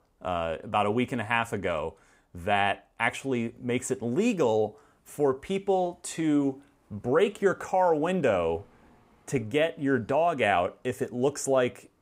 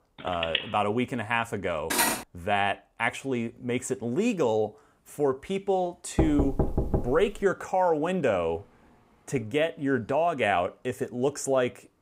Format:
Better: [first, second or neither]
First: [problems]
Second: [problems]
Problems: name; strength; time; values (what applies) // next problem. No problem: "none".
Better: first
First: none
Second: phone ringing; noticeable; at 0.5 s; peak 2 dB below the speech // clattering dishes; loud; at 2 s; peak 3 dB above the speech // door banging; noticeable; from 6 to 7.5 s; peak level with the speech